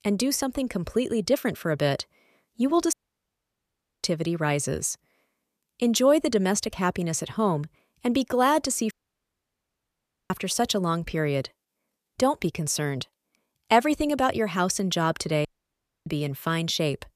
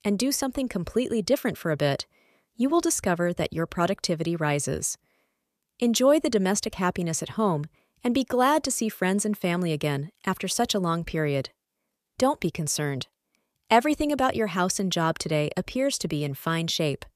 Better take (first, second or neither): second